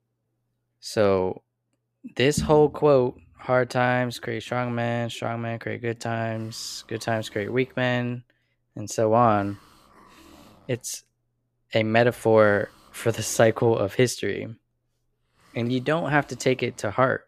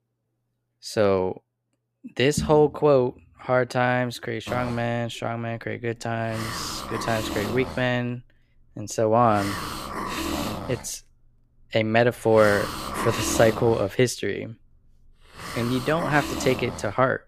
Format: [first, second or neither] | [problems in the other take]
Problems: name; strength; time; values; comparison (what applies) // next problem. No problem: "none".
first | hiss; loud; from 4.5 s on; 8 dB below the speech; faint in the first